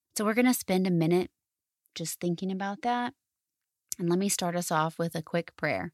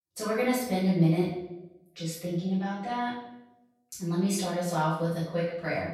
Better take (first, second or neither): first